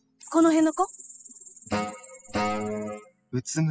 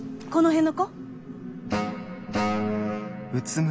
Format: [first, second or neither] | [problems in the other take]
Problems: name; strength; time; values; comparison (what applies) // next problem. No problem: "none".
second | noise reduction (classical method spectral subtraction)